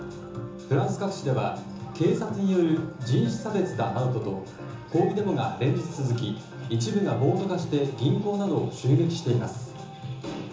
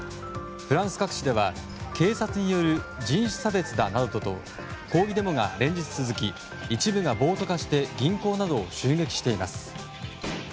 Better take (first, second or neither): second